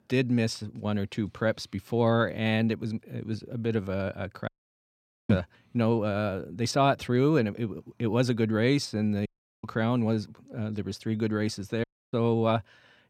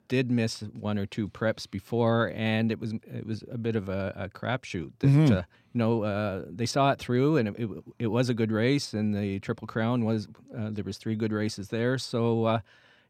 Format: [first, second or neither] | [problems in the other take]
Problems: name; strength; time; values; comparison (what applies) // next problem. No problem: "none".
second | audio cutting out; at 4.5 s for 1 s, at 9.5 s and at 12 s